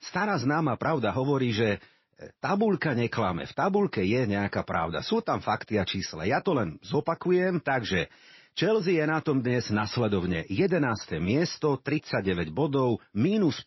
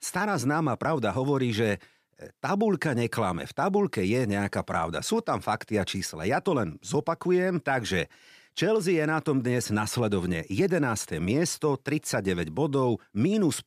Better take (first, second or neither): second